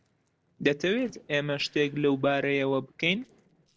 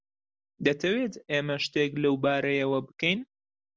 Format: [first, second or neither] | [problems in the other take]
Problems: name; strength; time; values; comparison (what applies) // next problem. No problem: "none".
second | noise reduction (neural separator model SepFormer DNS4)